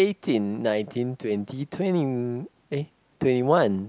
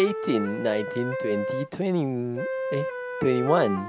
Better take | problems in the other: first | background sound (Wind instrument, woodwind instrument); 5 dB below the speech

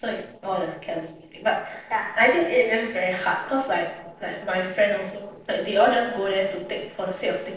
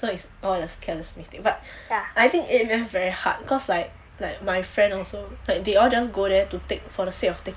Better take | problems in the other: second | noise reduction (neural separator model SepFormer DNS4)

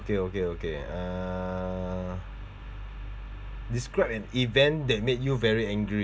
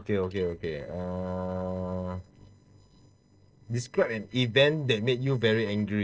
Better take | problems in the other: first | noise reduction (neural separator model SepFormer DNS4)

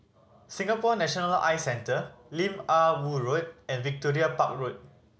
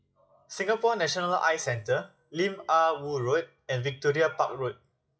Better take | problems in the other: first | noise reduction (classical method WPE with log-MMSE)

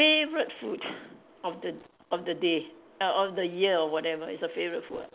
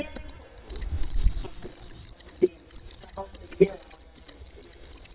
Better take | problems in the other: first | noise reduction (neural mask model DeepFilterNet 3)

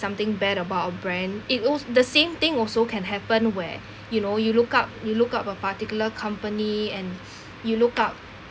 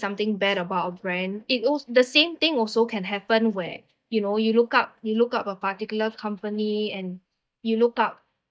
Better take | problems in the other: first | noise reduction (neural mask model DeepFilterNet 3)

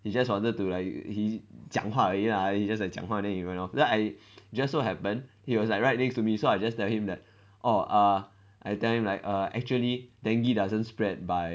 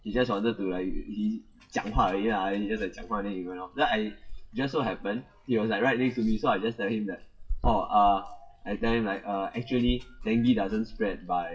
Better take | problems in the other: first | noise reduction (classical method WPE with log-MMSE)

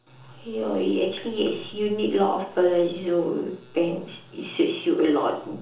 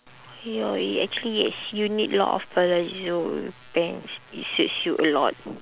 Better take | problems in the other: second | room echo; dies away in 0.6 s

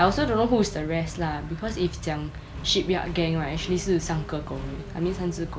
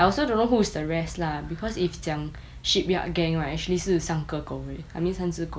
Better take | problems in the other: second | background sound (Accelerating, revving, vroom); 11 dB below the speech

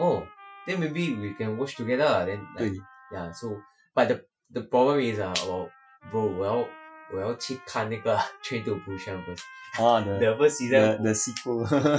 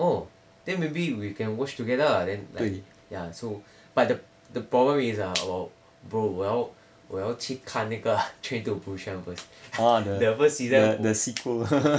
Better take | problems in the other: second | noise reduction (classical method Wiener filter)

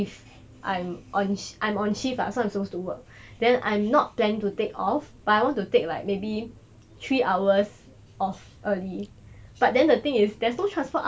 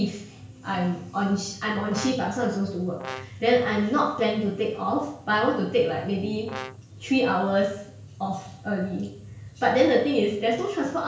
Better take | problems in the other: first | background sound (Brass instrument); 14 dB below the speech // room echo; dies away in 0.5 s

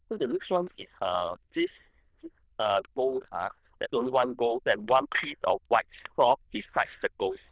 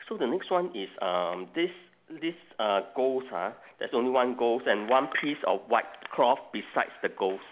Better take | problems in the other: second | noise reduction (neural diffusion model UNIVERSE++)

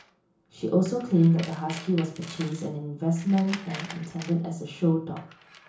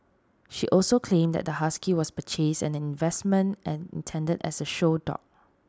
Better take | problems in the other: second | background sound (Tools); 18 dB below the speech // room echo; dies away in 0.7 s

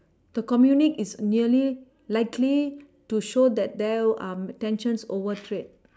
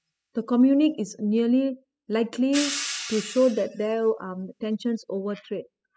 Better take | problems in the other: first | noise reduction (classical method spectral subtraction)

